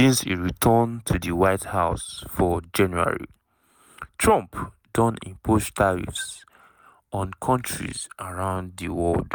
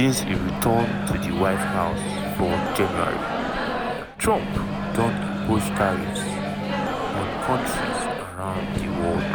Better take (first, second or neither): first